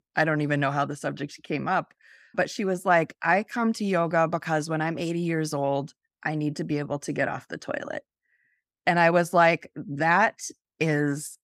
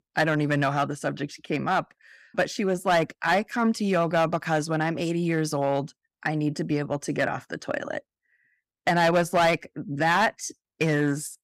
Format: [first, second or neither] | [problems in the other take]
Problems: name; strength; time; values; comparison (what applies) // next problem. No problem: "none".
first | distortion; slight; 4% of the sound clipped